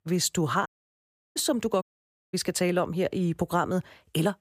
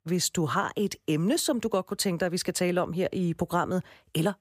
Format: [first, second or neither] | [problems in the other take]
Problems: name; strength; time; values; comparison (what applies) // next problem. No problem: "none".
second | audio cutting out; at 0.5 s for 0.5 s and at 2 s for 0.5 s